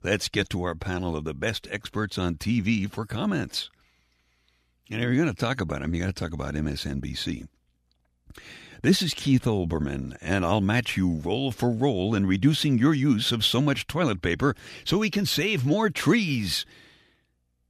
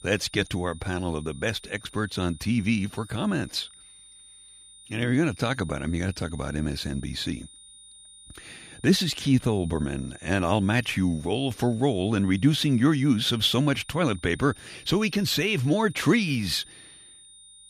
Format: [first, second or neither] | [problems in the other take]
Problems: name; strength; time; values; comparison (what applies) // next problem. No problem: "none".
first | high-pitched whine; faint; throughout; 9 kHz, 20 dB below the speech